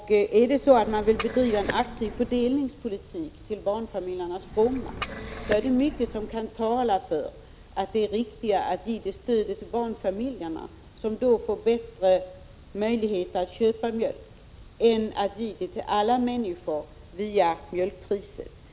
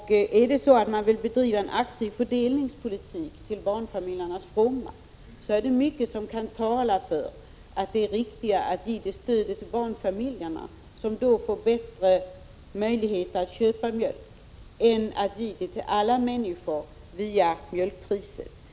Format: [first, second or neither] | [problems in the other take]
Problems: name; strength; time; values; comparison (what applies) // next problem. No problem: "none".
second | background sound (Liquid); 10 dB below the speech